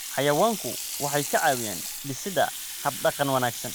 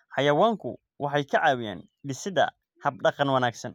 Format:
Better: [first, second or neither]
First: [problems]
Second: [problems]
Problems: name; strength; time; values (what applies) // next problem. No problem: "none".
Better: second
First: background sound (Sink (filling or washing) / Water tap, faucet); 7 dB below the speech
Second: none